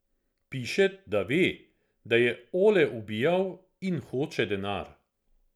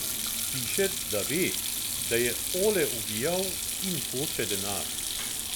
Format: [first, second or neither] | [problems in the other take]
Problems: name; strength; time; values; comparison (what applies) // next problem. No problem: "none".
first | background sound (Sink (filling or washing)); 1 dB above the speech